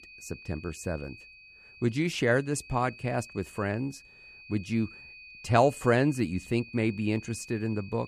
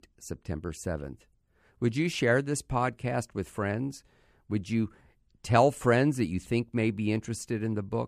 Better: second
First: high-pitched whine; noticeable; throughout; 2.5 kHz, 20 dB below the speech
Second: none

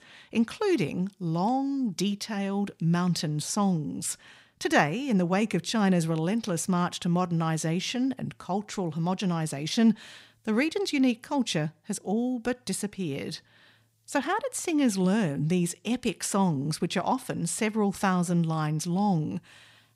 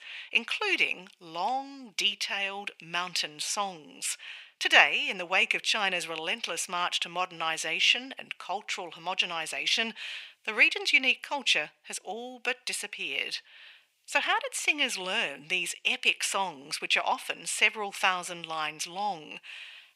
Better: first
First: none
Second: thin; very; fading below 700 Hz

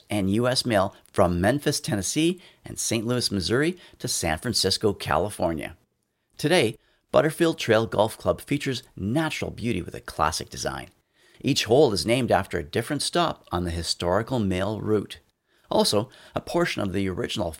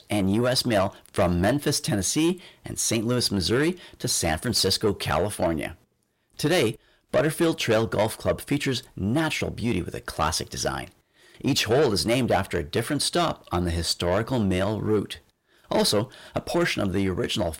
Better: first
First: none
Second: distortion; slight; 10 dB below the speech

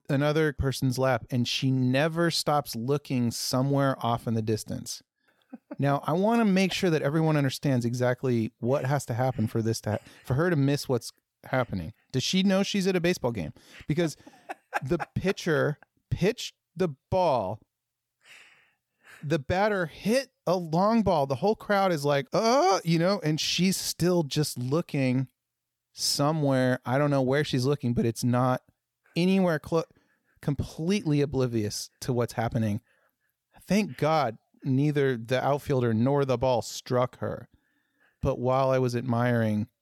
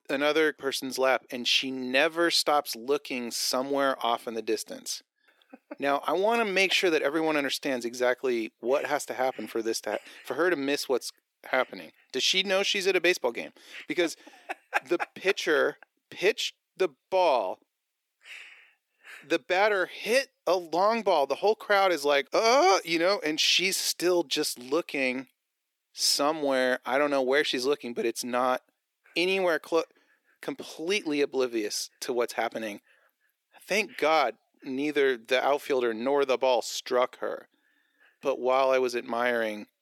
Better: first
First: none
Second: thin; somewhat; fading below 350 Hz

